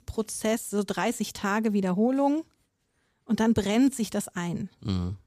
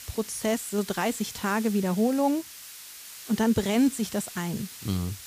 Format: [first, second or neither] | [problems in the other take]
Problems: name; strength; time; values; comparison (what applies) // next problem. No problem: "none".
first | hiss; noticeable; throughout; 15 dB below the speech